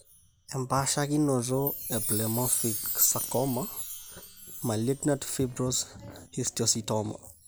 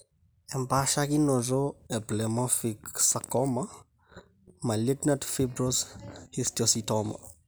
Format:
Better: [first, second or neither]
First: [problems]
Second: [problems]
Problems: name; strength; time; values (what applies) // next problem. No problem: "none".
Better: second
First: background sound (Chime); 7 dB below the speech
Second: none